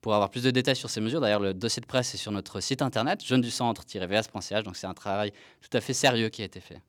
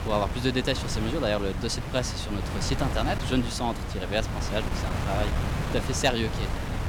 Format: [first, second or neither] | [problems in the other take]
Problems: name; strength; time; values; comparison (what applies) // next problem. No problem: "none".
first | wind noise on the microphone; heavy; 6 dB below the speech